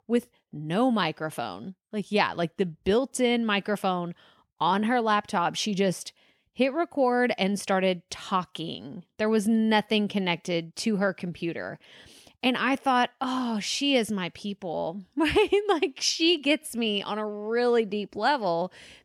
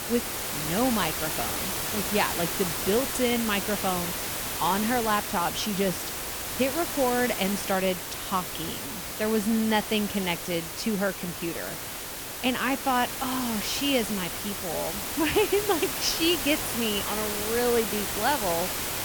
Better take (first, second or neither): first